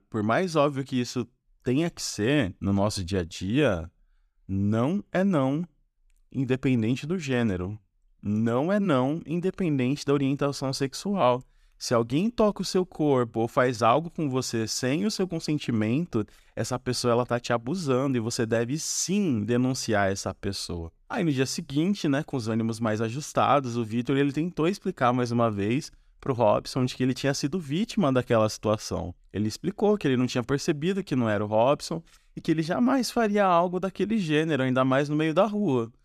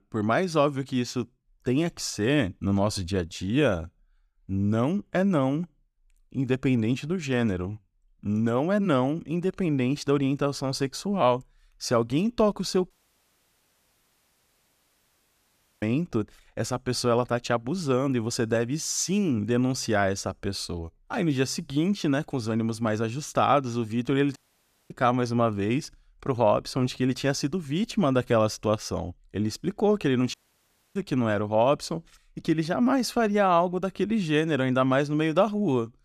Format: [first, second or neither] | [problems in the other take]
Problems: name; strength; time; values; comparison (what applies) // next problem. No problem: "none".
first | audio cutting out; at 13 s for 3 s, at 24 s for 0.5 s and at 30 s for 0.5 s